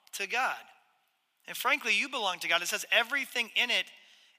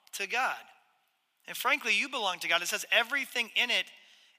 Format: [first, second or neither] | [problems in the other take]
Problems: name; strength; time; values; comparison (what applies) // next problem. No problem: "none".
neither | thin; very; fading below 600 Hz; the same in both